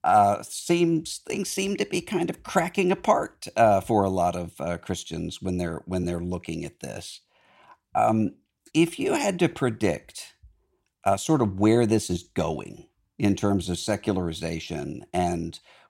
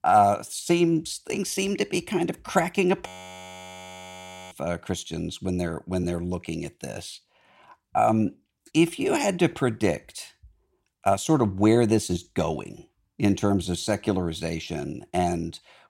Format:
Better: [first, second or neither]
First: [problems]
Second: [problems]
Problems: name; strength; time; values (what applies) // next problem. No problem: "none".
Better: first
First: none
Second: audio freezing; at 3 s for 1.5 s